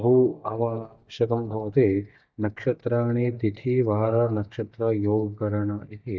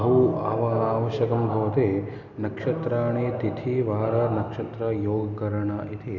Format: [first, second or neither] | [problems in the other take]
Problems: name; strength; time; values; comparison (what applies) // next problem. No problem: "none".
second | noise reduction (neural mask model DeepFilterNet 3)